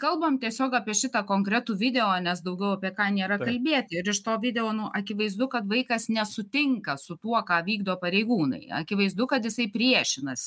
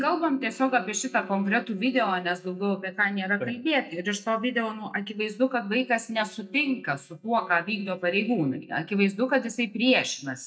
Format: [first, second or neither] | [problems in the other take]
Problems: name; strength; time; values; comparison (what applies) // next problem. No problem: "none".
first | noise reduction (neural mask model DeepFilterNet 3)